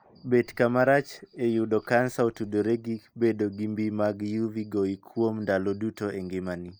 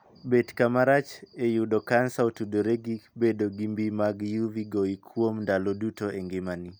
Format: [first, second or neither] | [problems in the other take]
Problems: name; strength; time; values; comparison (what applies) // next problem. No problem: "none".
second | noise reduction (neural mask model Resemble Enhance denoiser)